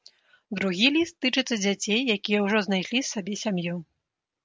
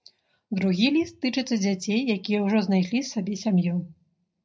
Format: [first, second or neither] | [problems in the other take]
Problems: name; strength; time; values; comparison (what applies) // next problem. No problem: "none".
first | room echo; dies away in 0.4 s